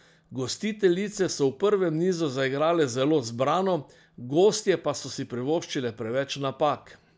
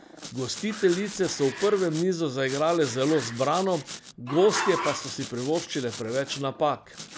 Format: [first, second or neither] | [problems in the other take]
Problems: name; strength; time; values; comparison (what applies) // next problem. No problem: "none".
first | background sound (Growling + Domestic sounds, home sounds); 11 dB below the speech